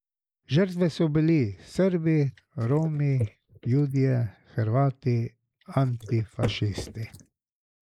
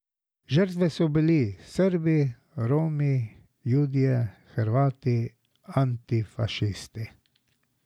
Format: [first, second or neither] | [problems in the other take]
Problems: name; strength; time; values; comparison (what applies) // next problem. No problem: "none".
second | noise reduction (neural mask model Resemble Enhance denoiser)